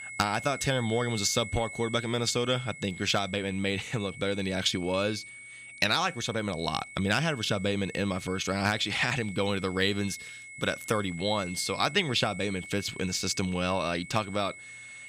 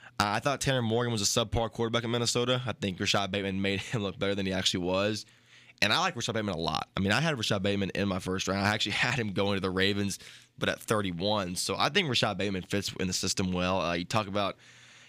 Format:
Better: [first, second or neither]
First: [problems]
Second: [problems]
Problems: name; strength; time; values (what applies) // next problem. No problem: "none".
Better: second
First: high-pitched whine; noticeable; throughout; 2 kHz, 15 dB below the speech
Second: none